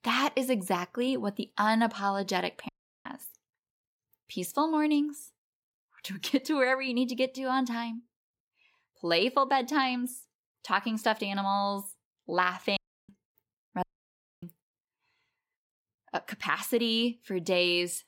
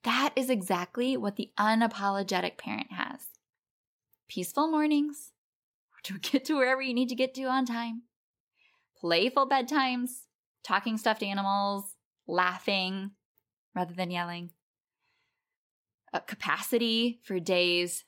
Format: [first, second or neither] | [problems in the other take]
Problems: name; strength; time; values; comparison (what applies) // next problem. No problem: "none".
second | audio cutting out; at 2.5 s, at 13 s and at 14 s for 0.5 s